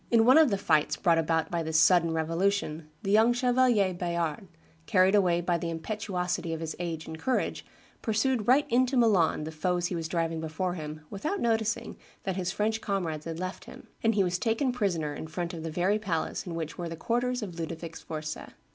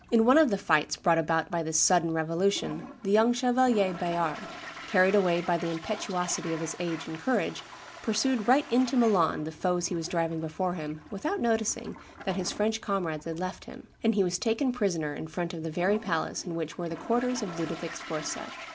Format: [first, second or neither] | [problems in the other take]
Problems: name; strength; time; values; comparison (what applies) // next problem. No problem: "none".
first | background sound (Toilet flush); 16 dB below the speech